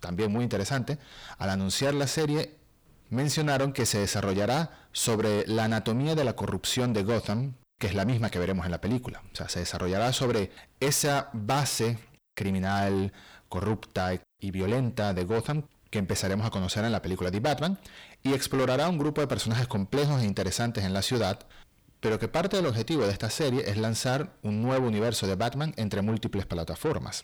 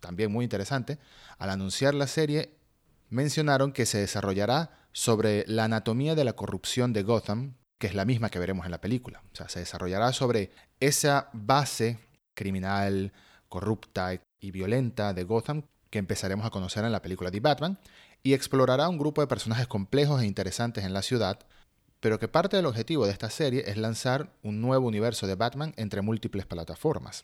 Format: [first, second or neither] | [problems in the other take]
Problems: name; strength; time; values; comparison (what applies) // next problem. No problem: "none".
second | distortion; heavy; 8 dB below the speech